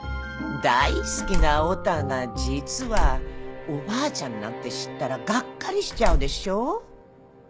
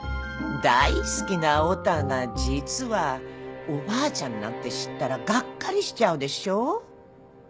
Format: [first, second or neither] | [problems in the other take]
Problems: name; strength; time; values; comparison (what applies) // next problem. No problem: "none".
second | background sound (Slam); 1 dB above the speech